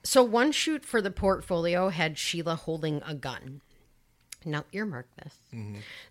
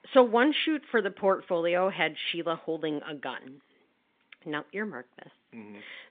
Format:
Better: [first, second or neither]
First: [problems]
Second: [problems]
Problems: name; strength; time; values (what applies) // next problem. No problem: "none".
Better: first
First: none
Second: phone-call audio